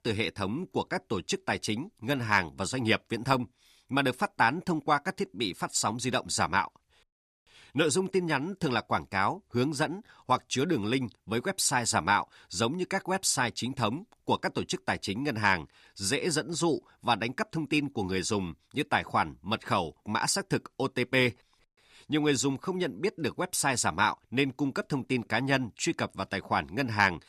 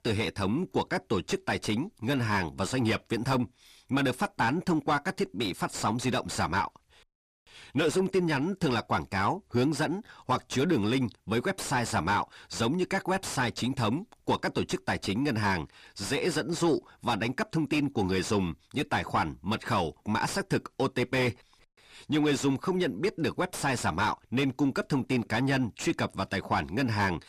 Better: first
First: none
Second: distortion; heavy; 6 dB below the speech

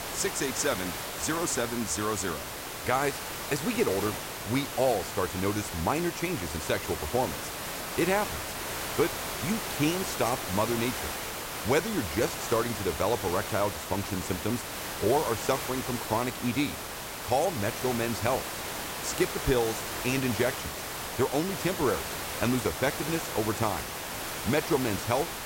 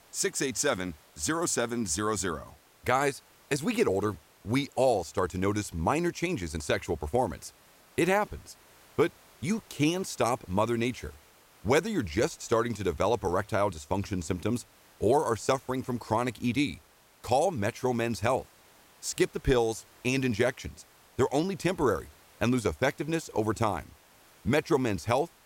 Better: second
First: hiss; loud; throughout; 4 dB below the speech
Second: hiss; faint; throughout; 25 dB below the speech

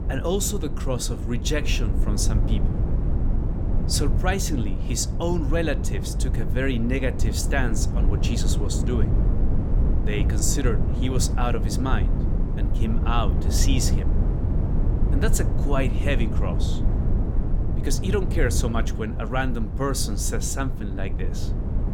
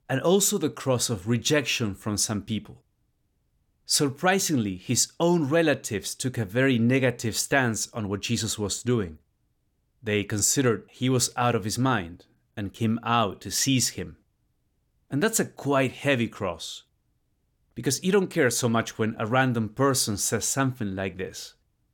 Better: second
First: wind noise on the microphone; heavy; 8 dB below the speech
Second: none

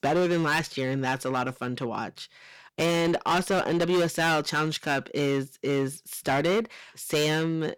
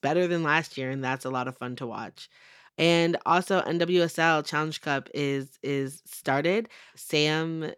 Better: second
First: distortion; heavy; 12% of the sound clipped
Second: none

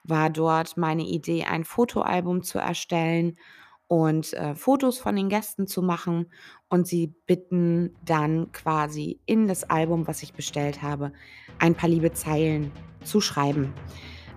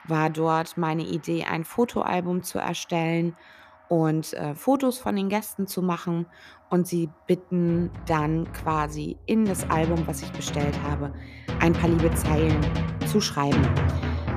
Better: first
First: background music; faint; throughout; 20 dB below the speech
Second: background music; loud; throughout; 3 dB below the speech

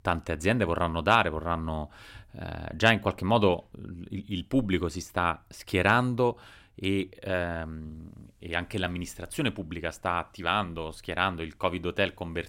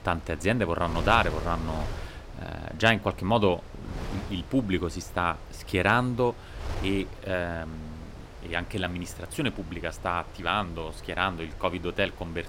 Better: first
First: none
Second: wind noise on the microphone; occasional gusts; 15 dB below the speech

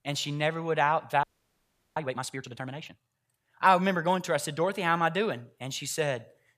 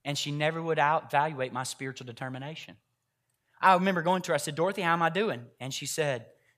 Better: second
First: audio freezing; at 1 s for 0.5 s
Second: none

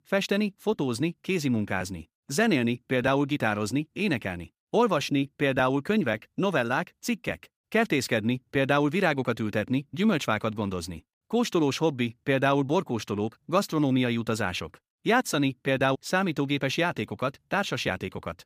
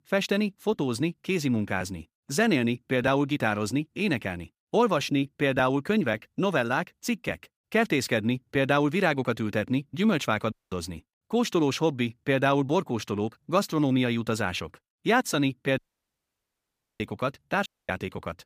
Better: first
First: none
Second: audio cutting out; at 11 s, at 16 s for 1 s and at 18 s

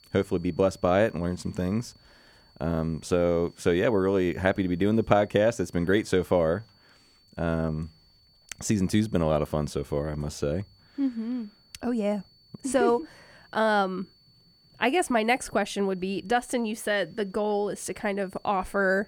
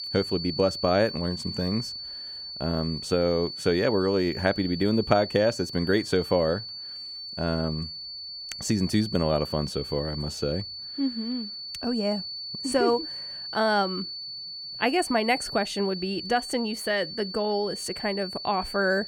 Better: first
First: high-pitched whine; faint; throughout; 4.5 kHz, 30 dB below the speech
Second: high-pitched whine; loud; throughout; 4.5 kHz, 7 dB below the speech

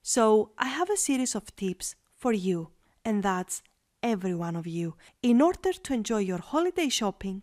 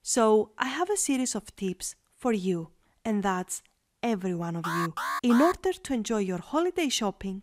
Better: first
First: none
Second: alarm; noticeable; at 4.5 s; peak 2 dB below the speech

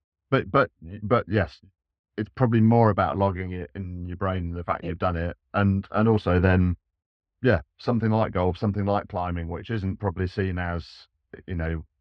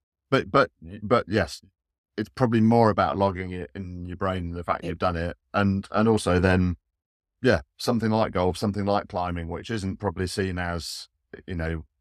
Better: second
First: muffled; slightly; fading above 3 kHz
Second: none

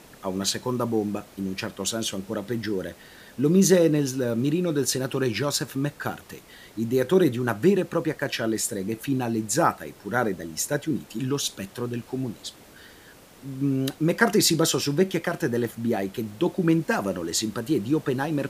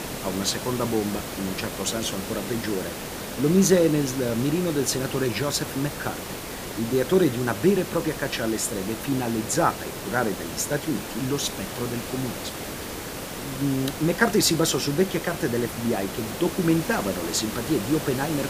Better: first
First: hiss; faint; throughout; 25 dB below the speech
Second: hiss; loud; throughout; 7 dB below the speech

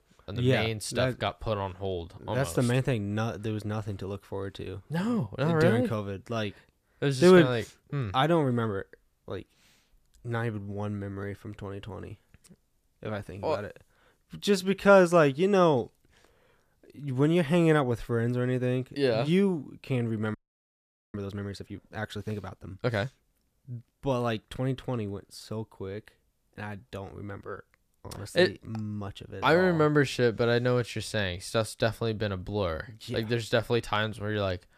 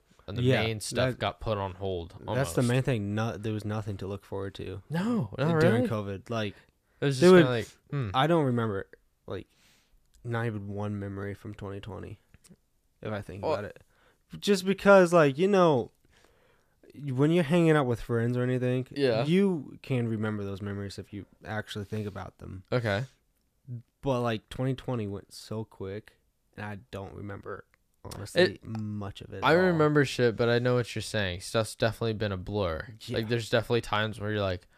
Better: second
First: audio freezing; at 20 s for 1 s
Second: none

